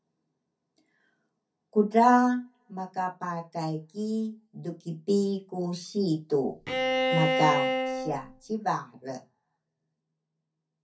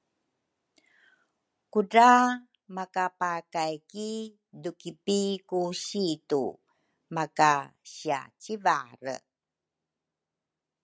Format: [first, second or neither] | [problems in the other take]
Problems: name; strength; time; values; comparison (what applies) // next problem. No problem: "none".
second | background sound (Bowed string instrument); 2 dB above the speech // room echo; dies away in 0.3 s